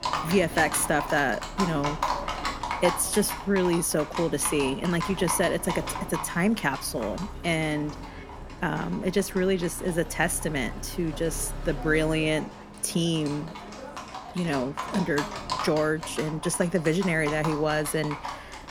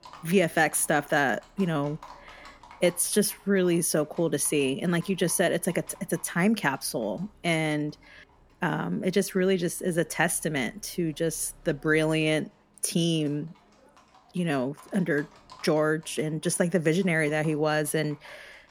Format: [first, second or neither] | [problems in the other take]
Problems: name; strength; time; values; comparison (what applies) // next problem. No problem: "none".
second | animal sounds; loud; throughout; 8 dB below the speech; faint in the second